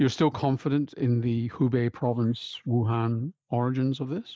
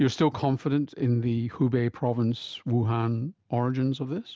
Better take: second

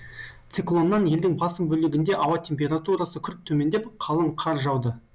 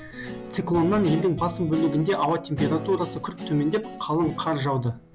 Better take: first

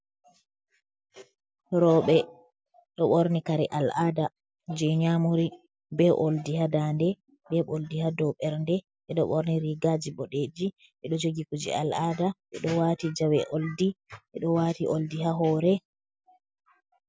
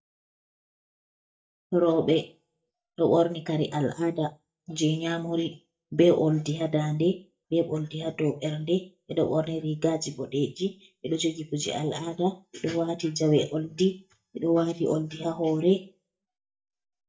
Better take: first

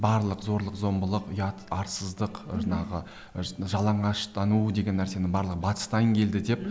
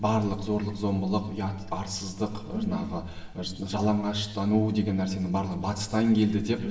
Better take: first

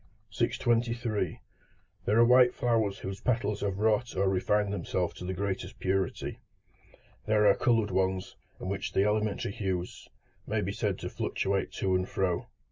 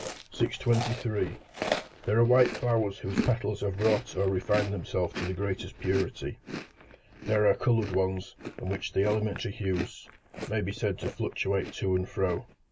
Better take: first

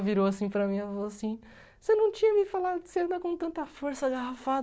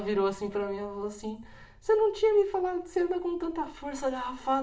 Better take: first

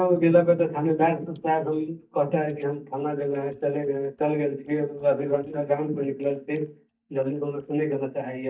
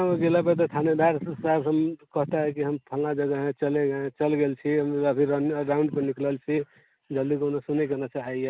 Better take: second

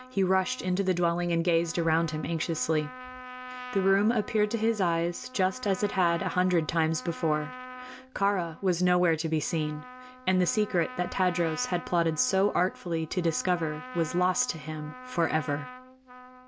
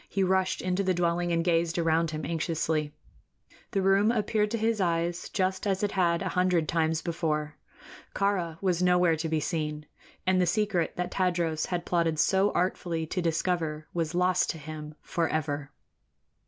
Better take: second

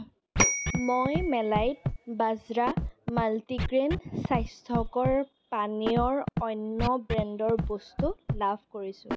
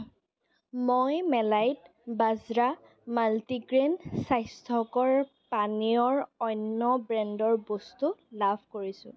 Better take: second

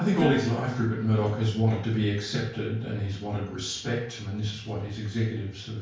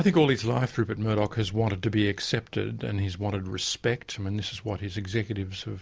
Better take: second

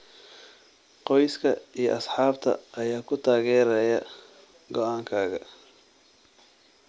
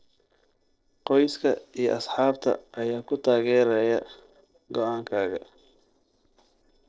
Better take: first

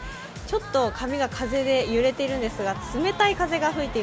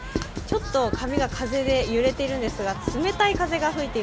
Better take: first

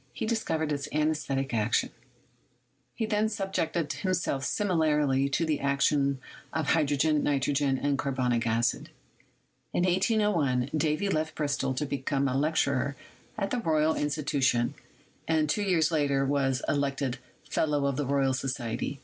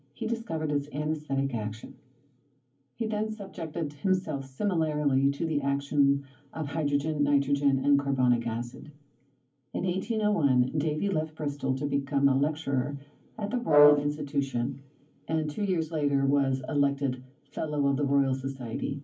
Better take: first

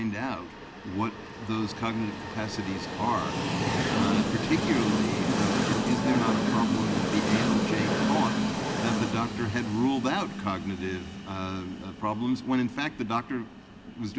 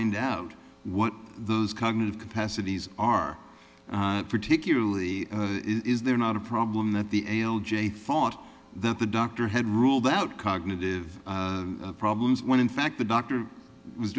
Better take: second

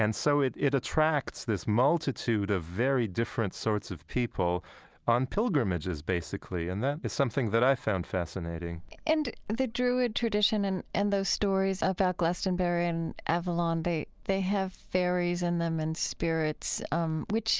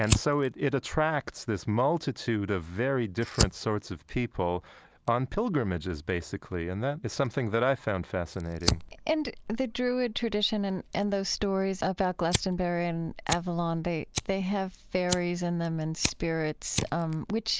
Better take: first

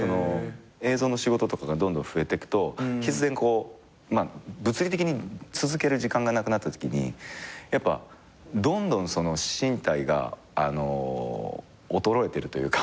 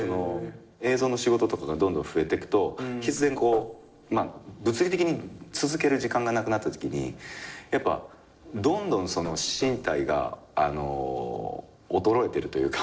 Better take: first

